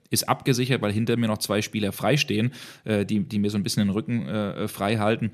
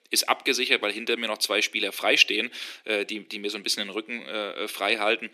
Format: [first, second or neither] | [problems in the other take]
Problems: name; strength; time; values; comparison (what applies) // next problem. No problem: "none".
first | thin; very; fading below 300 Hz